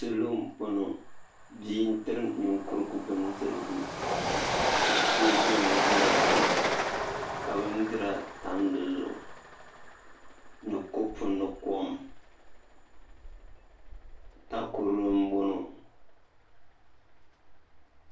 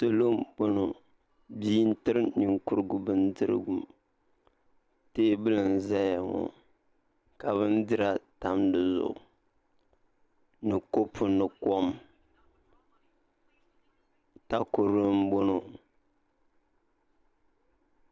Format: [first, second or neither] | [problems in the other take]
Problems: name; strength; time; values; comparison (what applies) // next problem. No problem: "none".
second | background sound (Train); as loud as the speech // room echo; dies away in 0.3 s